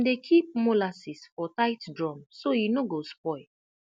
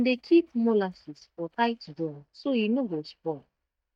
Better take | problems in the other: first | noise reduction (neural mask model DeepFilterNet 3)

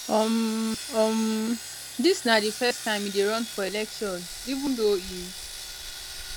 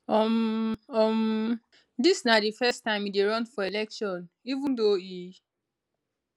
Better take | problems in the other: second | background sound (Sawing); 11 dB below the speech

